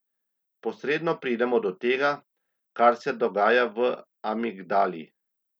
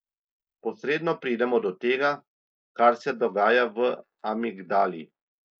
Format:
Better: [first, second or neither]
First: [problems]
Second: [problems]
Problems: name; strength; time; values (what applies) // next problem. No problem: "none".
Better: first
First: none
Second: noise reduction (neural mask model Resemble Enhance denoiser)